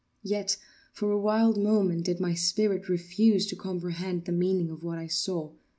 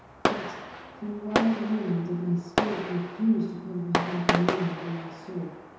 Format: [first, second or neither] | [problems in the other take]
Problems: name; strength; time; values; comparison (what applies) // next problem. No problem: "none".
first | background sound (Fireworks); 2 dB below the speech // room echo; dies away in 0.9 s